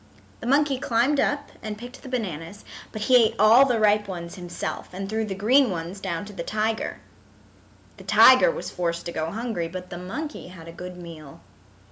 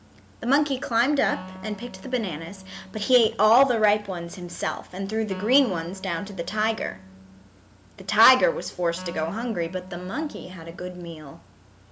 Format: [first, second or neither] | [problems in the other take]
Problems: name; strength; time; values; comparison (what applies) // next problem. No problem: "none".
first | background sound (Wind instrument, woodwind instrument); 17 dB below the speech